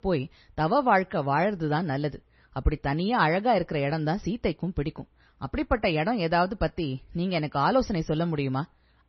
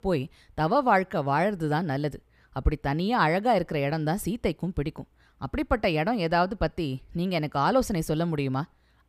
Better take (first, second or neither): second